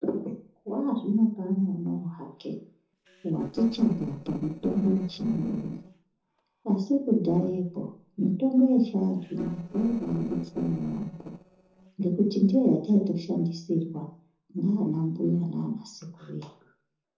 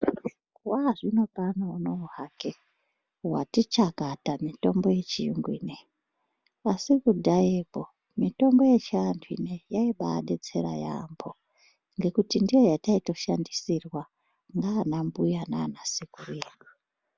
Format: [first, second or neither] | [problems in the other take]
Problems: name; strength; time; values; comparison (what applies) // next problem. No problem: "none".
second | noise reduction (neural separator model SepFormer DNS4)